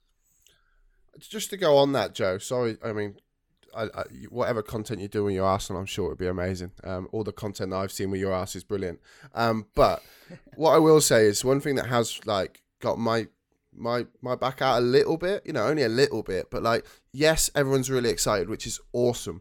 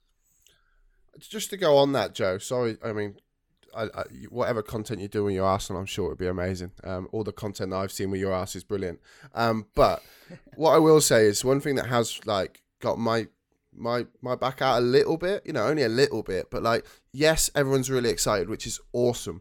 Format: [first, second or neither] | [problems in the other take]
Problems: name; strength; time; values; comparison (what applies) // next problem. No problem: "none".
neither | none